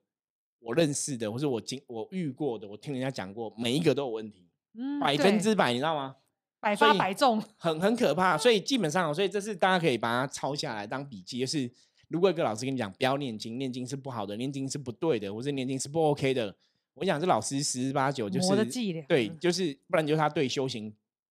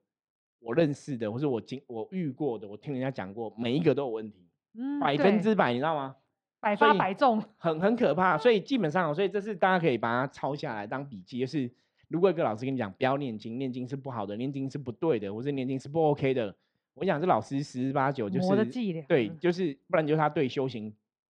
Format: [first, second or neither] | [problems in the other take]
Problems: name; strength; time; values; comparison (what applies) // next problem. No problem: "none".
first | muffled; slightly; fading above 2.5 kHz